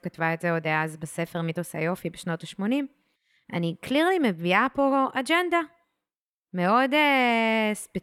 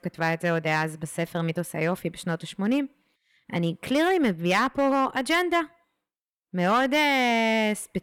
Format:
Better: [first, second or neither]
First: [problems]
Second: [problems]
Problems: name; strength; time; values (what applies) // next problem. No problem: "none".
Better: first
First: none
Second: distortion; slight; 4% of the sound clipped